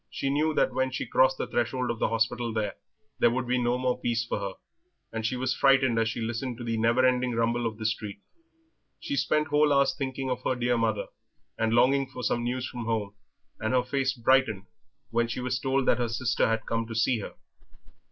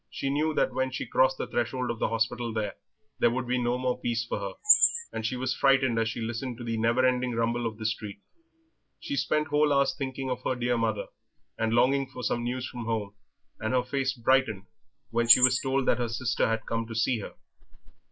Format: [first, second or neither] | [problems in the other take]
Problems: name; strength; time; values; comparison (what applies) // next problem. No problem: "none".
first | background sound (Chirp, tweet); 2 dB below the speech